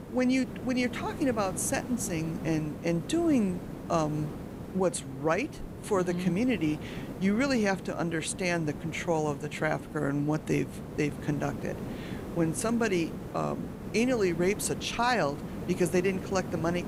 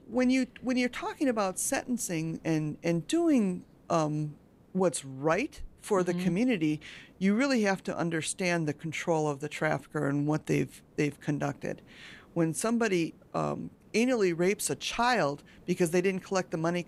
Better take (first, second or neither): second